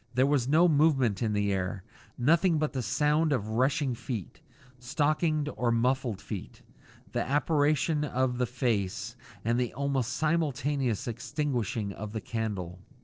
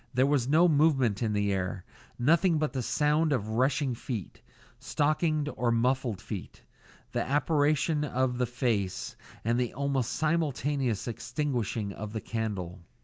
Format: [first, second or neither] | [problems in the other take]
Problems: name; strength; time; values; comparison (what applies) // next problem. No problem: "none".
second | noise reduction (neural separator model SepFormer DNS4)